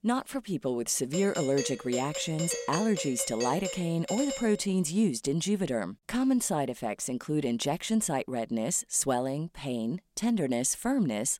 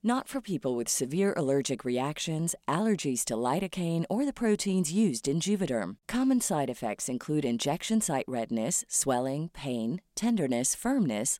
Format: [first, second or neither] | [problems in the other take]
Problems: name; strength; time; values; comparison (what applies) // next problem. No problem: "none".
second | doorbell; noticeable; from 1 to 4.5 s; peak 5 dB below the speech